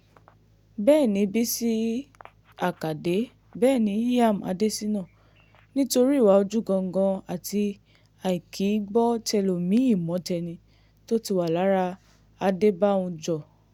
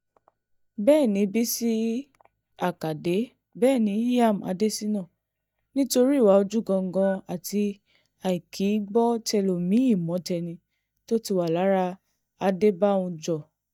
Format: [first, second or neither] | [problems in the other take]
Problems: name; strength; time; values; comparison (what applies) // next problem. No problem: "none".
first | noise reduction (neural mask model DeepFilterNet 3)